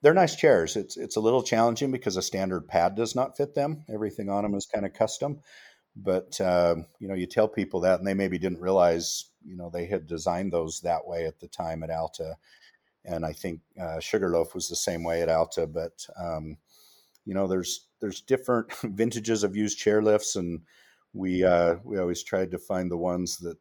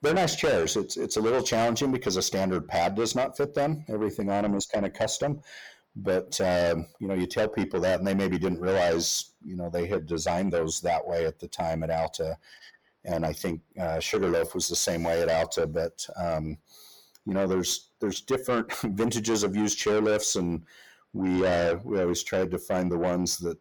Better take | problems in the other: first | distortion; heavy; 6 dB below the speech

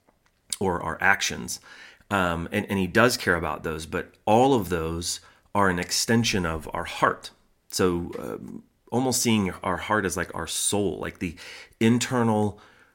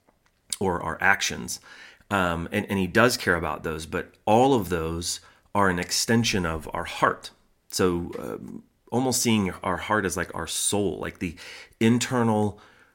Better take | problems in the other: neither | none

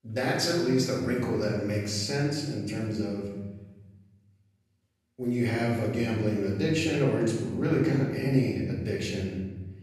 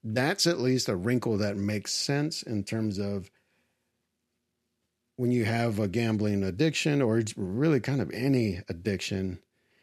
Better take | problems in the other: second | off-mic speech; far // room echo; noticeable; dies away in 1.1 s

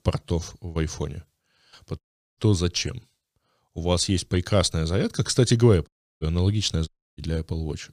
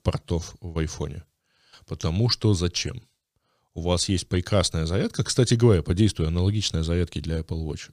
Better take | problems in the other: second | audio cutting out; at 2 s, at 6 s and at 7 s

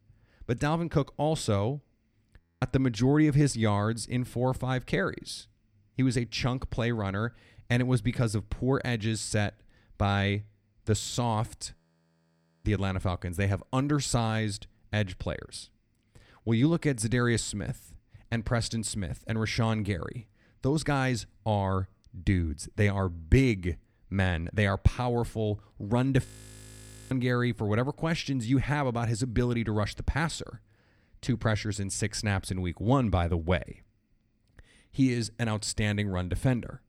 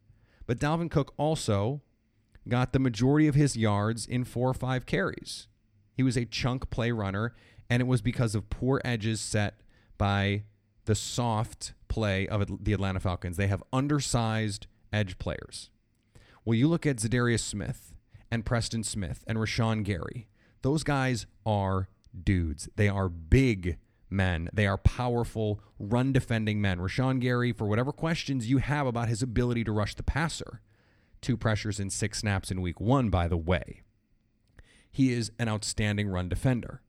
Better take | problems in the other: second | audio freezing; at 2.5 s, at 12 s for 1 s and at 26 s for 1 s

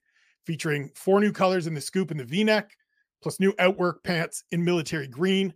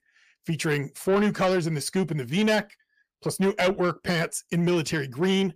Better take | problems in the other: first | distortion; slight; 10 dB below the speech

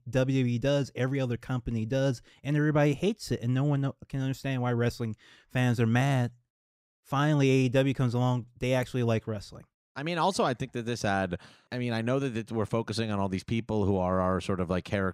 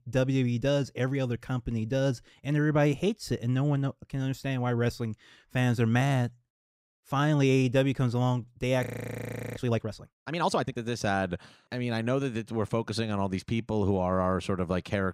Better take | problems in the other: first | audio freezing; at 9 s for 0.5 s

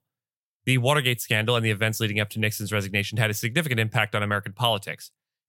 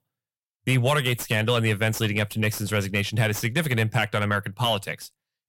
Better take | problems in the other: first | distortion; slight; 10 dB below the speech

